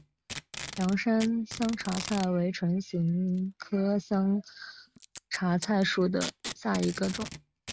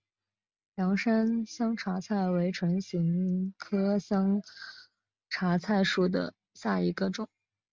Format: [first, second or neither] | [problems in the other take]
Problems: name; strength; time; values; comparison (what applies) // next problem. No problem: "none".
second | background sound (Packing tape, duct tape); 14 dB below the speech